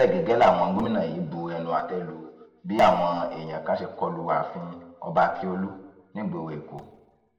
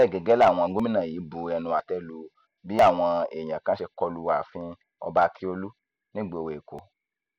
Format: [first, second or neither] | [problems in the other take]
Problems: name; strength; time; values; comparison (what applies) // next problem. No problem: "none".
second | room echo; dies away in 1 s